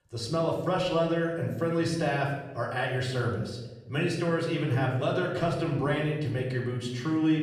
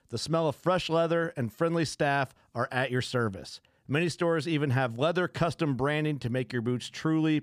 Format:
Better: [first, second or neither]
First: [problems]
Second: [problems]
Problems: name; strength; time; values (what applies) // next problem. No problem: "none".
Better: second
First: room echo; noticeable; dies away in 0.9 s // off-mic speech; far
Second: none